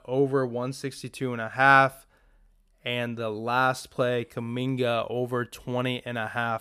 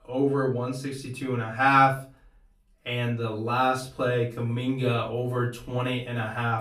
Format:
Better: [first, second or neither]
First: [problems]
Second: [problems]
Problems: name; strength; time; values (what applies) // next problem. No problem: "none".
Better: first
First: none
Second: room echo; slight; dies away in 0.3 s // off-mic speech; far